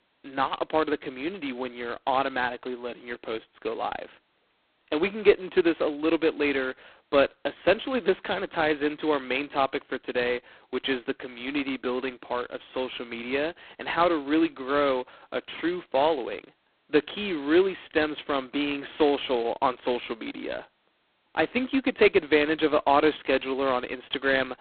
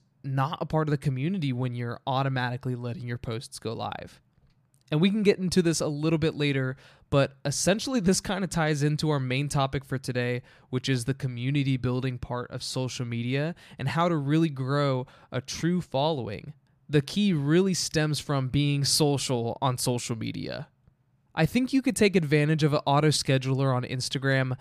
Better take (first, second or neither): second